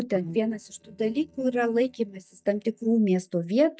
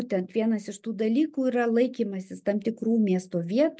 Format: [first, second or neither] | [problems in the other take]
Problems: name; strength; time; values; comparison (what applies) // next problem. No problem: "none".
second | noise reduction (neural mask model DeepFilterNet 3)